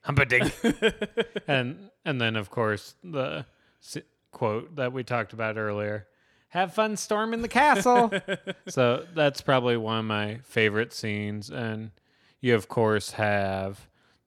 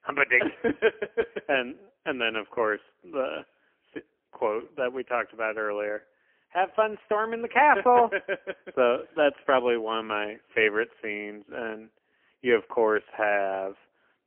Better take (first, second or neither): first